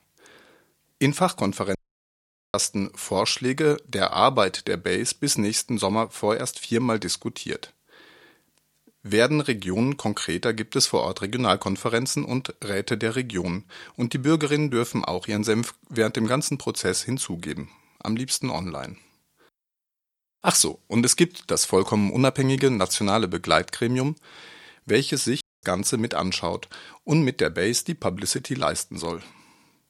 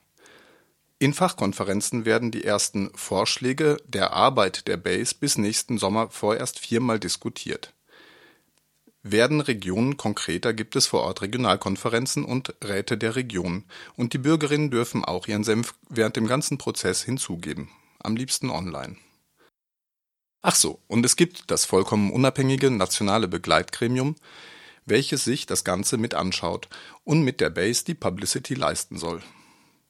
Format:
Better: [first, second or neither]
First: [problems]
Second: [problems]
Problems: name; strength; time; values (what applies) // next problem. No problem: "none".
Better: second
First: audio cutting out; at 2 s for 1 s and at 25 s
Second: none